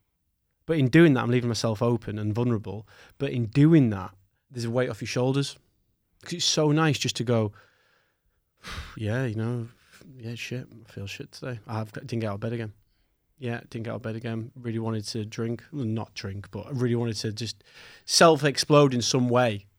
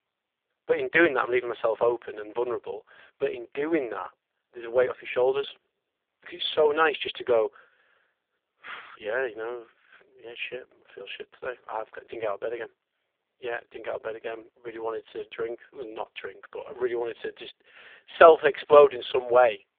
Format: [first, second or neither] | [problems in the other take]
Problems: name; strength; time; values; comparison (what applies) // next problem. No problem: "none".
first | phone-call audio; poor line; nothing above 3.5 kHz